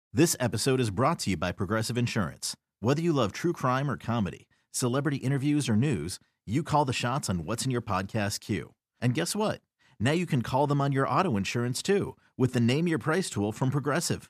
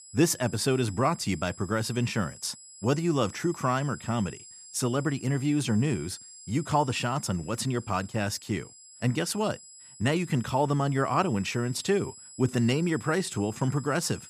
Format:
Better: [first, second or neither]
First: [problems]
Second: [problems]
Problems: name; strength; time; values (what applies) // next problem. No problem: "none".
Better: first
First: none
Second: high-pitched whine; noticeable; throughout; 7.5 kHz, 20 dB below the speech